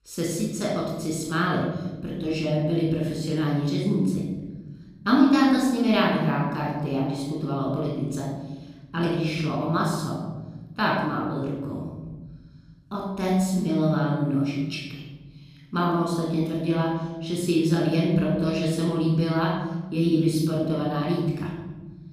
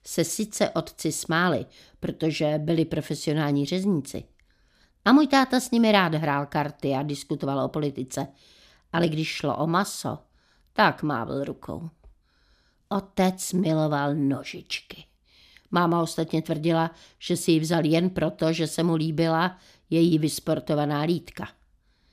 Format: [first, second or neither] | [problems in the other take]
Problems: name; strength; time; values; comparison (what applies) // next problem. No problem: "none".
second | off-mic speech; far // room echo; noticeable; dies away in 1.7 s